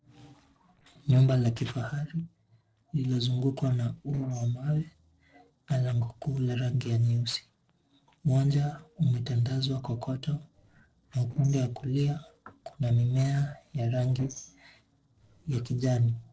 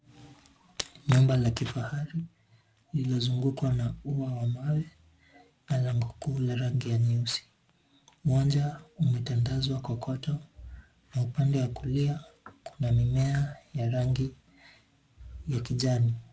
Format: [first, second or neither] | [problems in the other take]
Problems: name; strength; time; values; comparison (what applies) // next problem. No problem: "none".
second | noise reduction (neural separator model SepFormer DNS4)